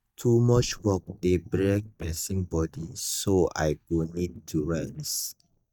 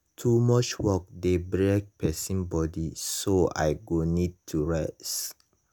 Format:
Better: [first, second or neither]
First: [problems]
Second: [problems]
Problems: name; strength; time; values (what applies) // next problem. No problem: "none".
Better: second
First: noise reduction (neural mask model DeepFilterNet 3)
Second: none